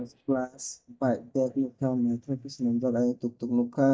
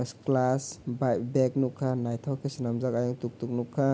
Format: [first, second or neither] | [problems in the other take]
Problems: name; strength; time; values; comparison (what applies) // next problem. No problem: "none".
second | noise reduction (neural mask model DeepFilterNet 3)